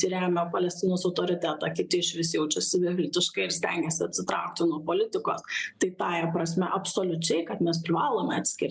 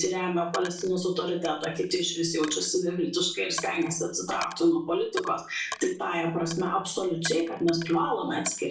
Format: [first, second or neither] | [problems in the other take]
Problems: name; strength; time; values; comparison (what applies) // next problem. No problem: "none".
first | background sound (Coin (dropping)); 16 dB below the speech // room echo; dies away in 0.3 s